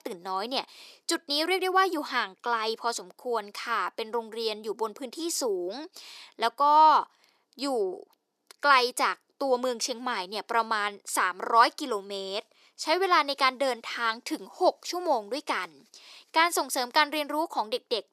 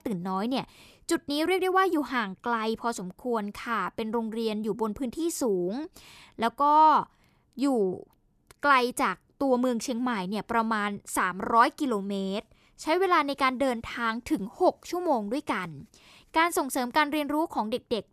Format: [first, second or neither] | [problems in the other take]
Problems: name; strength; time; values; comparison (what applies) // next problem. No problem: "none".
second | thin; somewhat; fading below 400 Hz